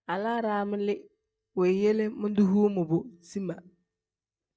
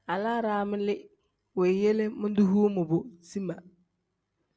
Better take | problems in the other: second | noise reduction (neural mask model DeepFilterNet 3)

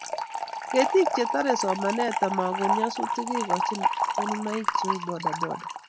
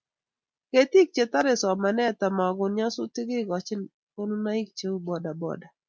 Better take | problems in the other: second | background sound (Fill (with liquid) / Trickle, dribble); 1 dB above the speech

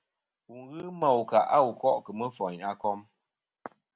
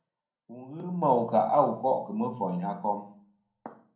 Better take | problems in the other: first | room echo; dies away in 0.6 s

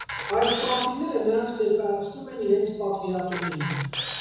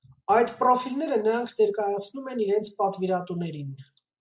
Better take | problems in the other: second | background sound (Camera); 9 dB below the speech // room echo; dies away in 1.1 s

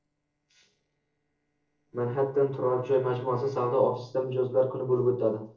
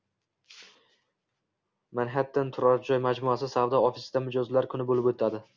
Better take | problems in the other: second | noise reduction (neural separator model SepFormer DNS4)

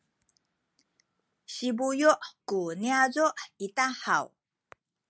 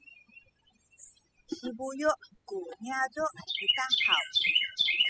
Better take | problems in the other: first | noise reduction (classical method spectral subtraction)

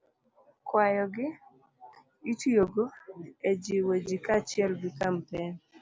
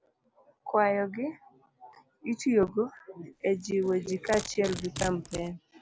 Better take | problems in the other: first | background sound (Domestic sounds, home sounds); 16 dB below the speech

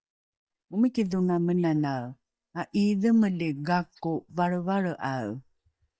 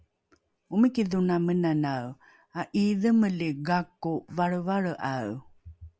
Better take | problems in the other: second | noise reduction (neural mask model DeepFilterNet 3)

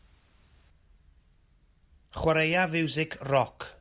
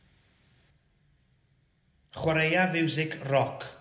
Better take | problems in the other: first | room echo; dies away in 0.7 s

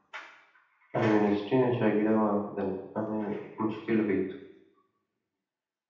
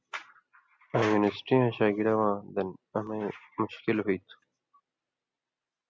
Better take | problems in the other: second | room echo; dies away in 0.8 s

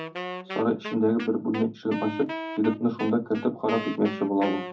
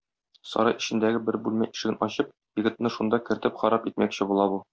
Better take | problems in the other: second | background sound (Wind instrument, woodwind instrument); 10 dB below the speech // room echo; dies away in 0.4 s

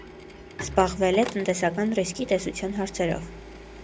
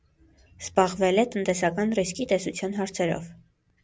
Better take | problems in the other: second | background sound (Bowed string instrument + Printer); 14 dB below the speech

